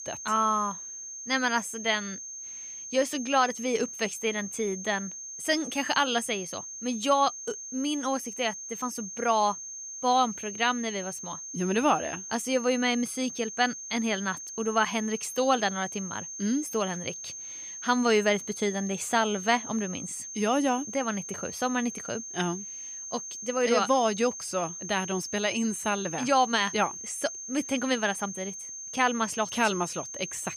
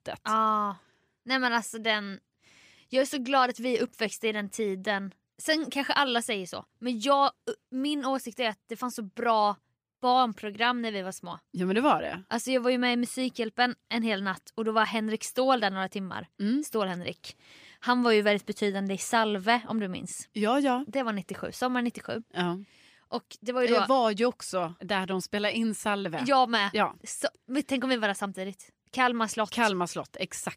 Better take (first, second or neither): second